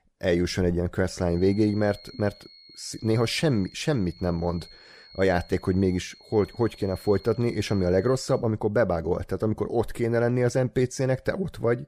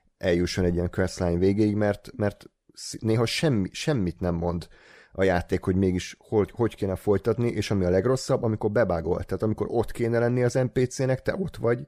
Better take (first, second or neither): second